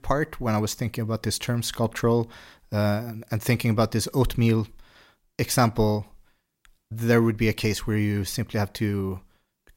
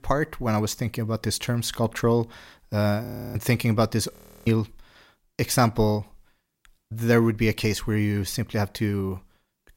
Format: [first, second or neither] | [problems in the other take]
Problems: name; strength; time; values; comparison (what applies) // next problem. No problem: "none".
first | audio freezing; at 3 s and at 4 s